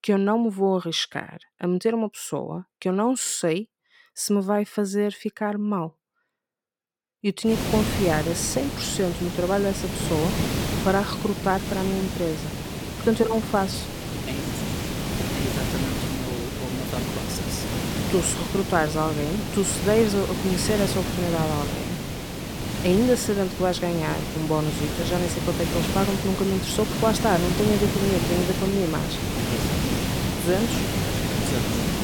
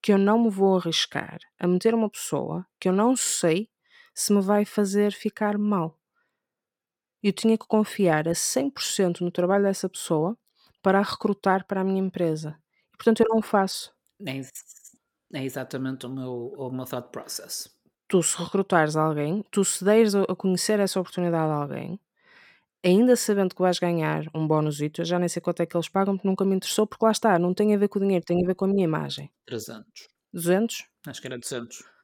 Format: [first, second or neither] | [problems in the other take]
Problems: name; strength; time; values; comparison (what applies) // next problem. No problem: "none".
second | hiss; loud; from 7.5 s on; 2 dB below the speech